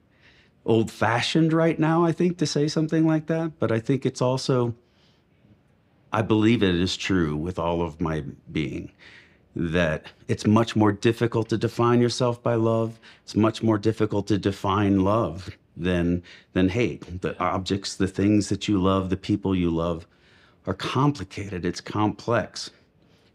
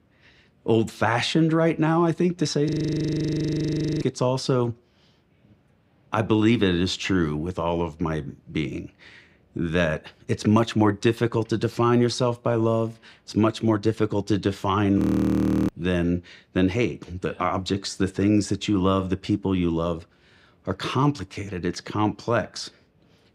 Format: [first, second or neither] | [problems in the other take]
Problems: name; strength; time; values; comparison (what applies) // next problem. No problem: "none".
first | audio freezing; at 2.5 s for 1.5 s and at 15 s for 0.5 s